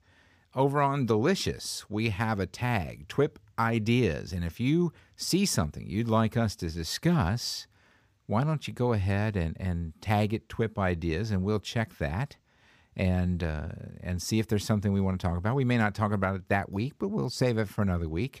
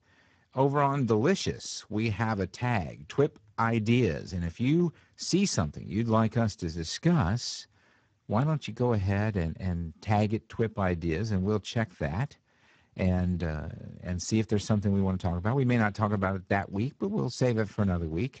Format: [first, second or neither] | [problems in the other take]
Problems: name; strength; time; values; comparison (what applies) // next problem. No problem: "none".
first | garbled, watery; badly; nothing above 7.5 kHz